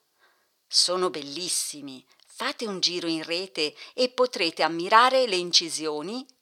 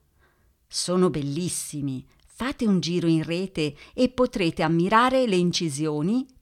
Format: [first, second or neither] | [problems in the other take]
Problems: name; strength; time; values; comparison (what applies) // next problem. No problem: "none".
second | thin; very; fading below 550 Hz